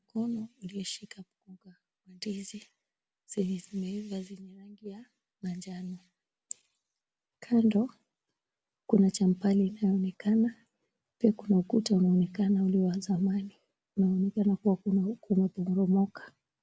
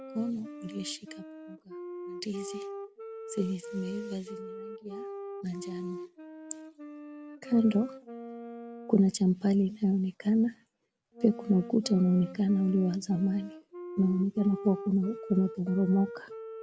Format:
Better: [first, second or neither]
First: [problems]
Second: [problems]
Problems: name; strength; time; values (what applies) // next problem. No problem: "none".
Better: first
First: none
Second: background sound (Wind instrument, woodwind instrument); 13 dB below the speech